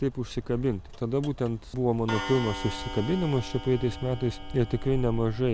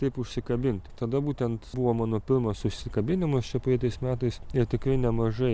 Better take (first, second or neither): second